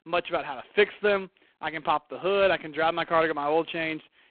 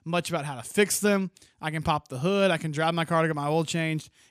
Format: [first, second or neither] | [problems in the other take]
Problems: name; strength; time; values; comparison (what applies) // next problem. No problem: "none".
second | phone-call audio; poor line